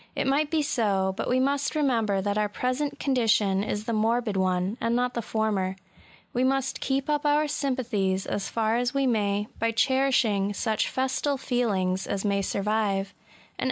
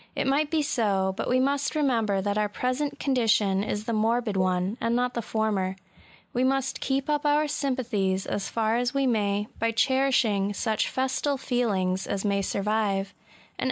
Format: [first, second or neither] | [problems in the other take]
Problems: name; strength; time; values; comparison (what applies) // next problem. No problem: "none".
first | noise reduction (neural mask model Resemble Enhance denoiser)